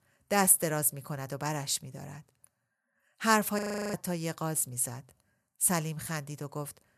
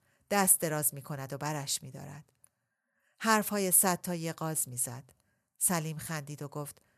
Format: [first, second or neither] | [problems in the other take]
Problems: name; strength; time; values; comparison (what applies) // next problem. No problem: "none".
second | audio freezing; at 3.5 s